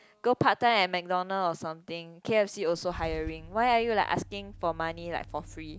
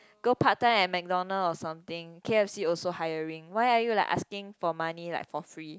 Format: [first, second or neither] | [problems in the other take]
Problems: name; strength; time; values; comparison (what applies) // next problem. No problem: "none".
second | background sound (Idling / Engine starting / Car); 18 dB below the speech